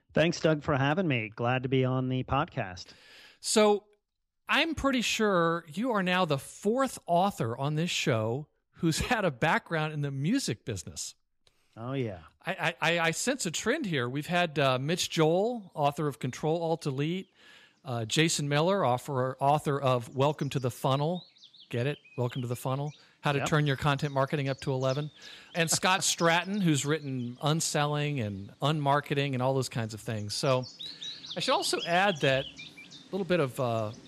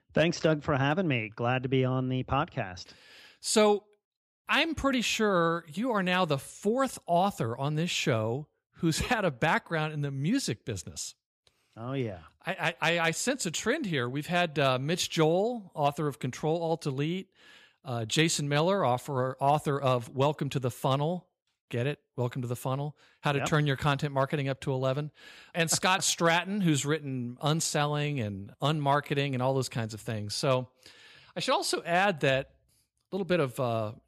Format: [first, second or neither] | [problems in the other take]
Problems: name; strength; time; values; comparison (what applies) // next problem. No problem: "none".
second | animal sounds; noticeable; throughout; 15 dB below the speech